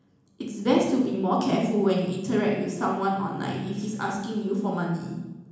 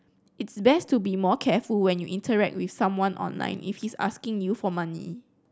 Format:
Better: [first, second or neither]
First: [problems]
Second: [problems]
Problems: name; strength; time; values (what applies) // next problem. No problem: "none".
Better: second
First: room echo; dies away in 1 s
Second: none